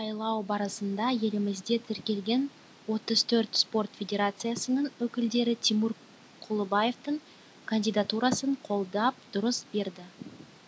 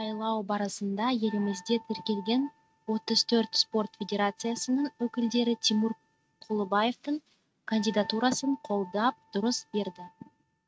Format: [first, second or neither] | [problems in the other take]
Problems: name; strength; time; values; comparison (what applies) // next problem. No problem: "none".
first | noise reduction (neural mask model RNNoise)